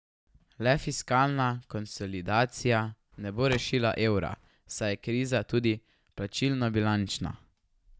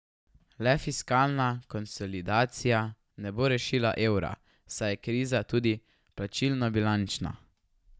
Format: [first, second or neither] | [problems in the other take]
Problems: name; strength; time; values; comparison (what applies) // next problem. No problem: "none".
second | background sound (Car); 15 dB below the speech